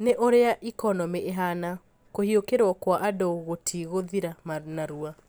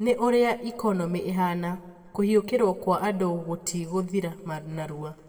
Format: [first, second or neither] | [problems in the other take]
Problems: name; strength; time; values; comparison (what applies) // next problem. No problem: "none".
first | room echo; dies away in 1.1 s